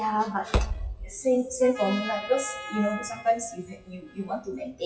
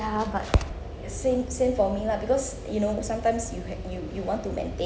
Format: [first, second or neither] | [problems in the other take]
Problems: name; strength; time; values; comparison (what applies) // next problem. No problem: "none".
second | noise reduction (classical method WPE with log-MMSE)